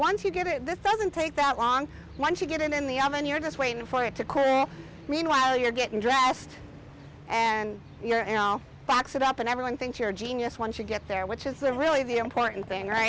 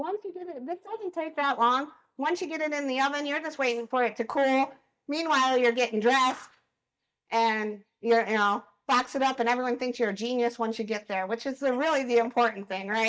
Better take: first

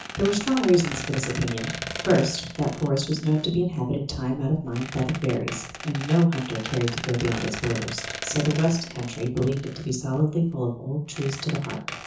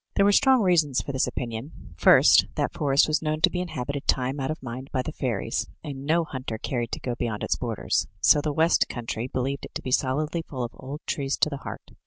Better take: second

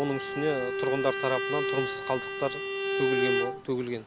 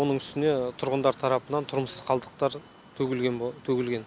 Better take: second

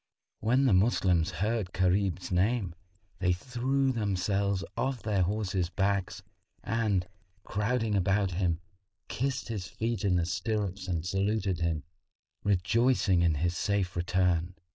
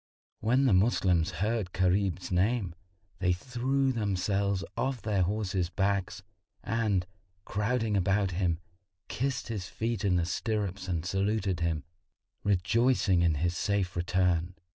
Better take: second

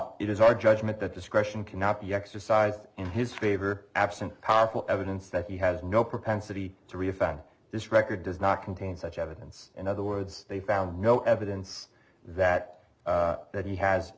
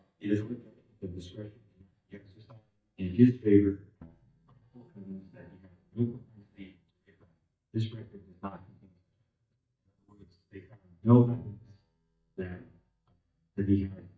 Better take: first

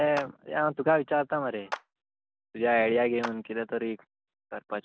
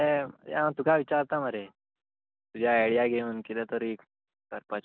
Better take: second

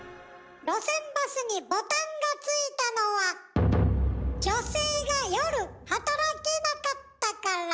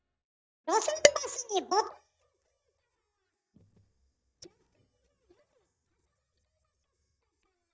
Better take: first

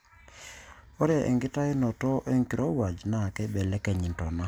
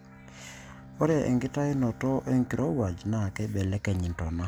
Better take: first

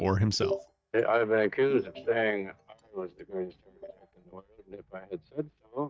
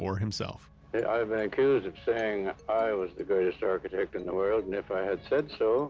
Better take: second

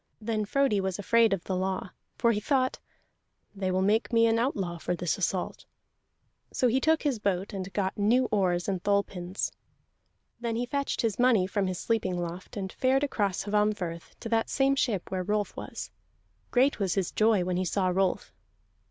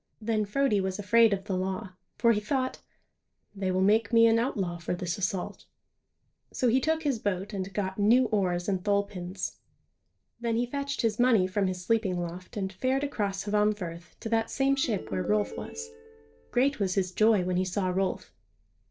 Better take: first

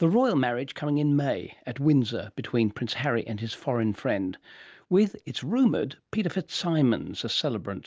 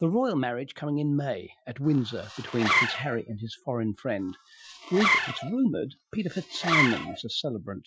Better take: first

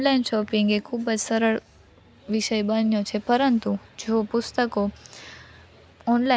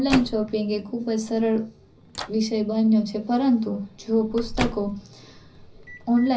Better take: first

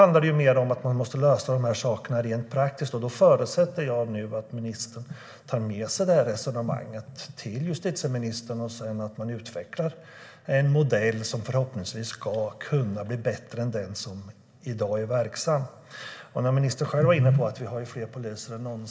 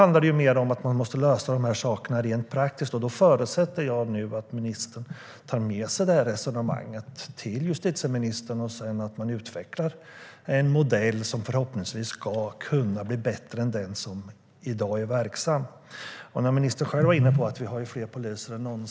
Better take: second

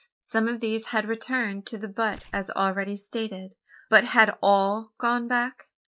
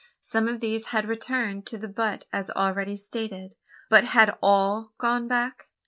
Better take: second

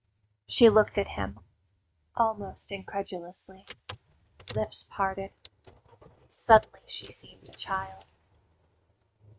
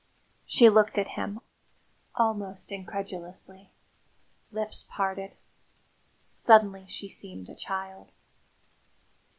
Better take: second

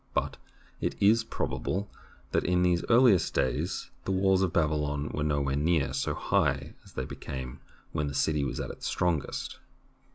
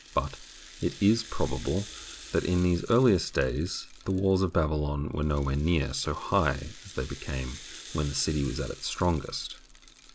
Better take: first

